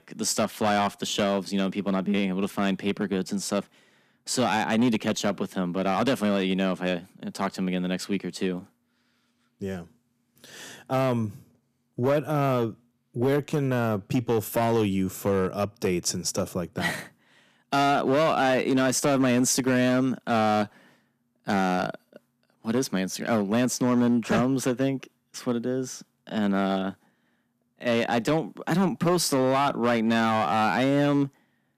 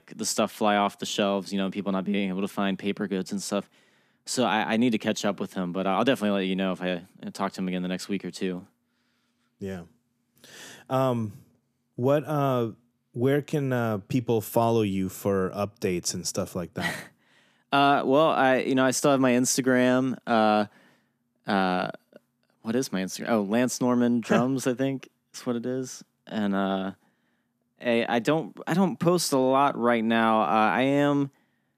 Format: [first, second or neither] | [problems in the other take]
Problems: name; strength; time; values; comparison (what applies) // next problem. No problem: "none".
second | distortion; slight; 6% of the sound clipped